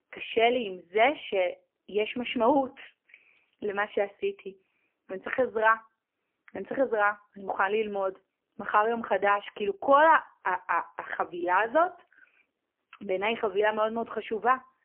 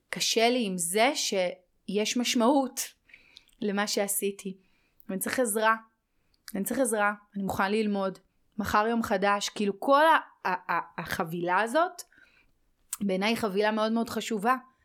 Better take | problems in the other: second | phone-call audio; poor line; nothing above 3 kHz

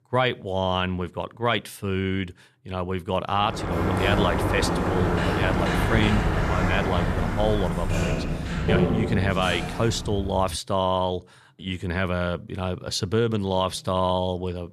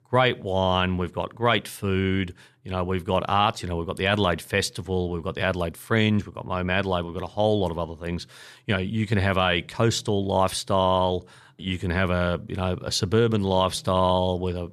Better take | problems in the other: second | door banging; loud; from 3.5 to 11 s; peak 4 dB above the speech

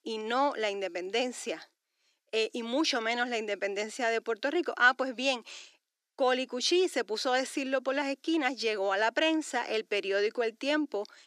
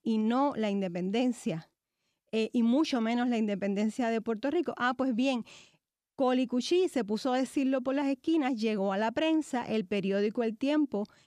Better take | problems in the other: second | thin; somewhat; fading below 300 Hz

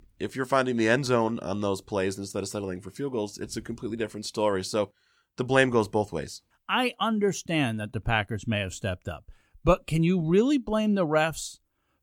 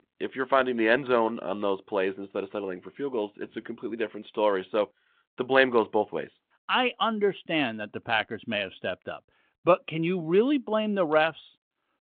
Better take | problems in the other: first | phone-call audio

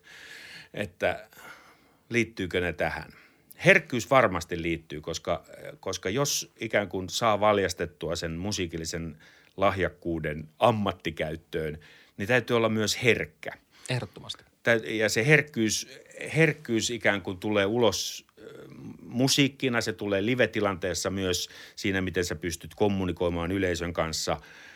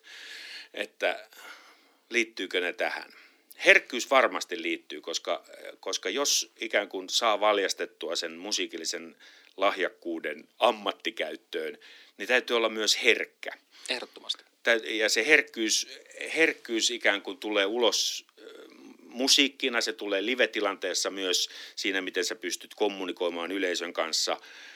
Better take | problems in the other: first | thin; somewhat; fading below 250 Hz

